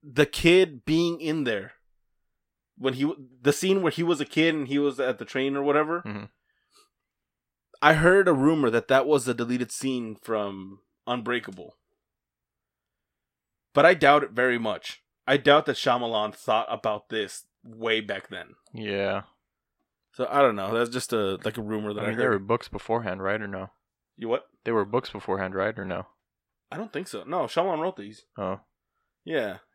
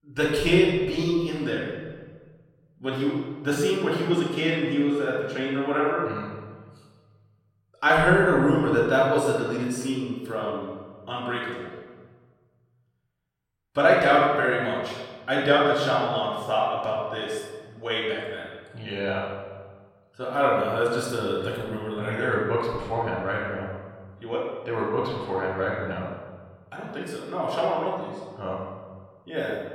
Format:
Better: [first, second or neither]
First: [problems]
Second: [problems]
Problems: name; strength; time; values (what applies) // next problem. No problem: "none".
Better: first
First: none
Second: off-mic speech; far // room echo; noticeable; dies away in 1.4 s